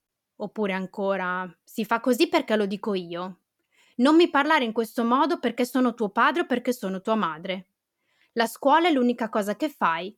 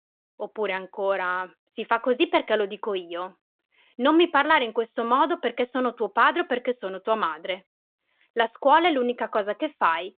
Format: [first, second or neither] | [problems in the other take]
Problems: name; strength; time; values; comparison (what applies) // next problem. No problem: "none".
first | phone-call audio